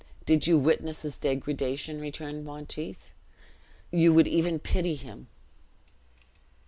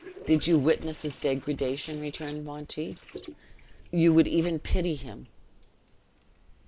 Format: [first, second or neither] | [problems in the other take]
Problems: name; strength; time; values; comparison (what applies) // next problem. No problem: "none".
first | noise reduction (neural mask model Resemble Enhance denoiser)